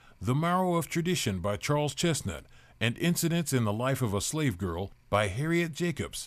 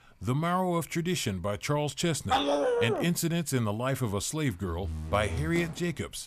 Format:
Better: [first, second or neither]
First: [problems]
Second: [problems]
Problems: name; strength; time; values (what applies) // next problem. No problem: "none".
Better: first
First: none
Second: dog barking; loud; at 2.5 s; peak 4 dB above the speech // door banging; noticeable; from 4.5 s on; peak 7 dB below the speech